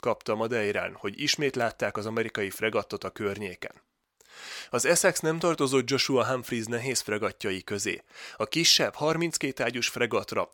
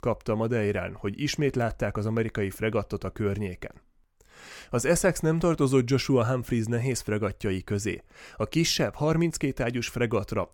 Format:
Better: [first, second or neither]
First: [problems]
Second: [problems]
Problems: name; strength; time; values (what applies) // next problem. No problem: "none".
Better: second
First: thin; somewhat; fading below 600 Hz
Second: none